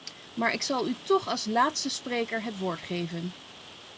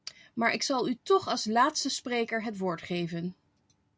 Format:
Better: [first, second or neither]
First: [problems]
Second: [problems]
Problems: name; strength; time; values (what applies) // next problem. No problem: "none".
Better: second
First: background sound (Rain); 16 dB below the speech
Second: none